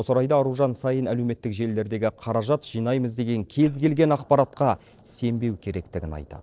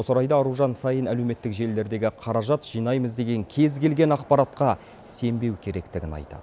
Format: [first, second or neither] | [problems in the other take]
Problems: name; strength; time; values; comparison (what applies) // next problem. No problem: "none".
second | noise reduction (neural separator model SepFormer DNS4)